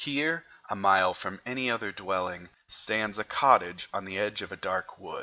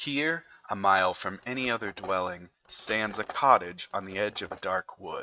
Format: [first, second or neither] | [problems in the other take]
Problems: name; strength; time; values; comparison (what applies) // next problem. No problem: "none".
first | noise reduction (neural mask model RNNoise)